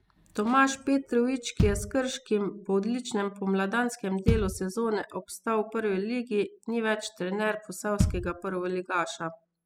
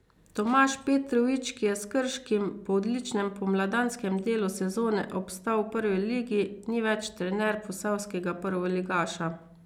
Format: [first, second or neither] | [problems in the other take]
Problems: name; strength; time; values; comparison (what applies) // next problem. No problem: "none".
second | noise reduction (classical method spectral subtraction)